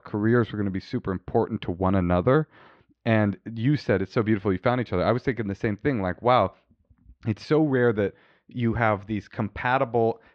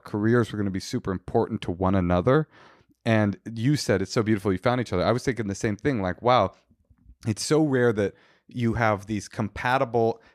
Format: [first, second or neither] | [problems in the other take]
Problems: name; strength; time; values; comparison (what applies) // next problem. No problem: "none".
second | muffled; slightly; fading above 3.5 kHz